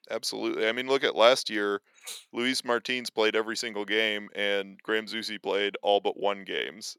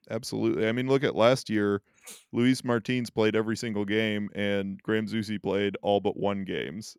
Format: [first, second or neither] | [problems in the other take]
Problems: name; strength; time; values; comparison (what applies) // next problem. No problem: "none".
second | thin; somewhat; fading below 500 Hz